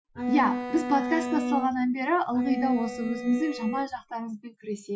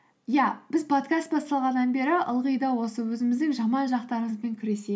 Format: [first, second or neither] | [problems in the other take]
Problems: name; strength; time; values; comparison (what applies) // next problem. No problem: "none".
second | noise reduction (classical method Wiener filter)